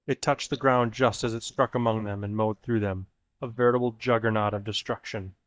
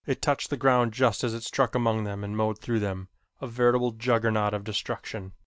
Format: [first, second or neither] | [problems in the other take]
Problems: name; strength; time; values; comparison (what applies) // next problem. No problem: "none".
second | noise reduction (neural mask model DeepFilterNet 3)